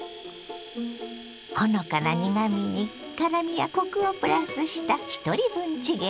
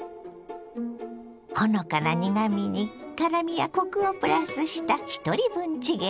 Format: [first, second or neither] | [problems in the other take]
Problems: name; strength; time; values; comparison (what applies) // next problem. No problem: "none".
second | background sound (Domestic sounds, home sounds); 20 dB below the speech